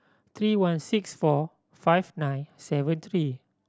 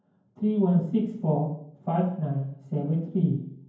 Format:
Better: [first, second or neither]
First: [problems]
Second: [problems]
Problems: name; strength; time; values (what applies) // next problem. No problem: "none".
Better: first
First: none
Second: room echo; dies away in 0.9 s